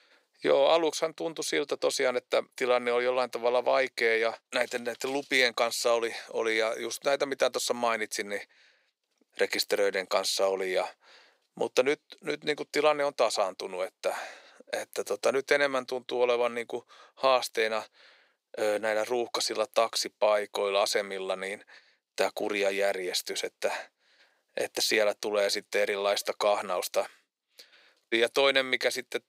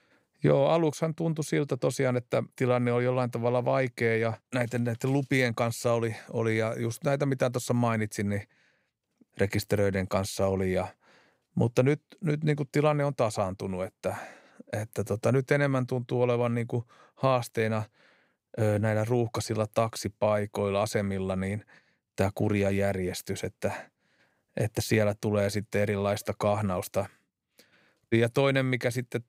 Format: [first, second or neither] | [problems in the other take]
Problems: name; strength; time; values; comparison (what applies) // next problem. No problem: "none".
second | thin; very; fading below 400 Hz